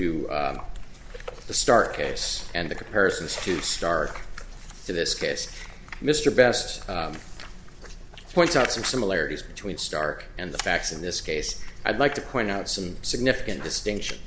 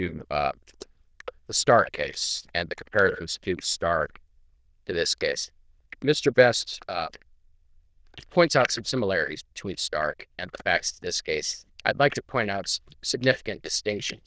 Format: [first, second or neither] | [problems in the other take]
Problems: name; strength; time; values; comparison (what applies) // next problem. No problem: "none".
first | noise reduction (neural diffusion model UNIVERSE++)